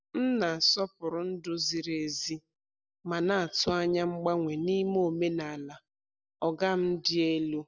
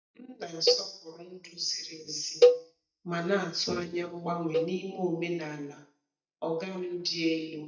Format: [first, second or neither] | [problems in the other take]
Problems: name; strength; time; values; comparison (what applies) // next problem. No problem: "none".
first | noise reduction (neural mask model DeepFilterNet 3)